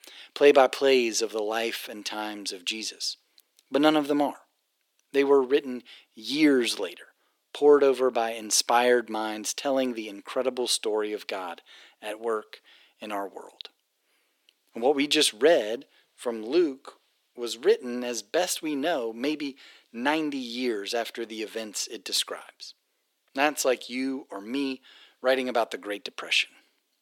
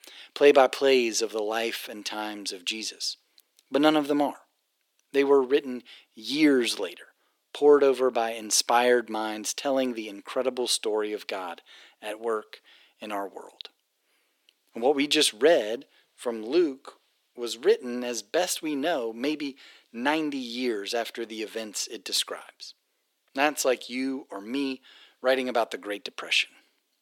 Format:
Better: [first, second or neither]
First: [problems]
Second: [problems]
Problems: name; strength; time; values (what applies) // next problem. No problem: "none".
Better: neither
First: thin; somewhat; fading below 350 Hz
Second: thin; somewhat; fading below 350 Hz